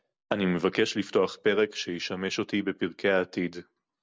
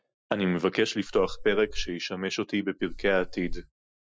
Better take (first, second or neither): first